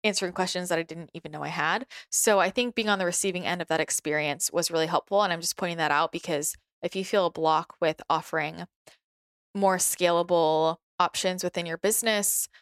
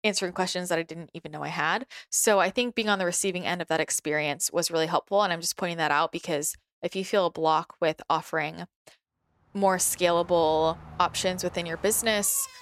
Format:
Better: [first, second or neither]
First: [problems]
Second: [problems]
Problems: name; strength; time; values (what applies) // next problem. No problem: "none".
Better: first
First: none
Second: traffic noise; faint; from 10 s on; 20 dB below the speech